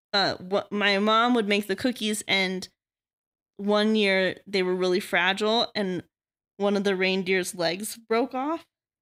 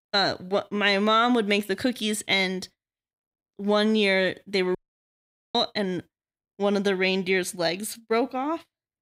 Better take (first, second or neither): first